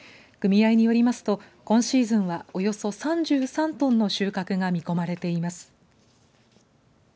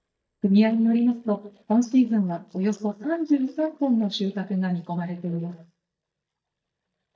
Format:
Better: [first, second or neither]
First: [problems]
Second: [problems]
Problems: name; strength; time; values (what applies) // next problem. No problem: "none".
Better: first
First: none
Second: noise reduction (neural mask model DeepFilterNet 3)